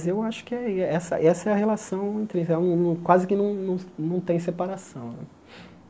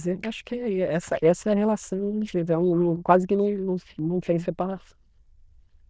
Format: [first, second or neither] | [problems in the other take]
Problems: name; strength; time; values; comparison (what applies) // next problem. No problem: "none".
first | noise reduction (neural diffusion model UNIVERSE++)